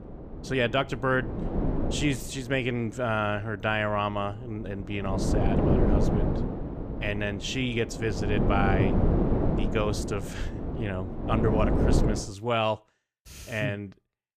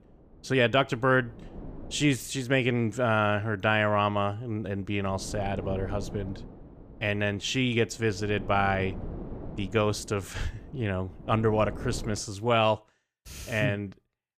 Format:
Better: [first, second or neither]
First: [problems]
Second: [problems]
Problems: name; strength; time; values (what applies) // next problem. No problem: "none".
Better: second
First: wind noise on the microphone; heavy; until 12 s; 4 dB below the speech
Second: wind noise on the microphone; occasional gusts; until 12 s; 20 dB below the speech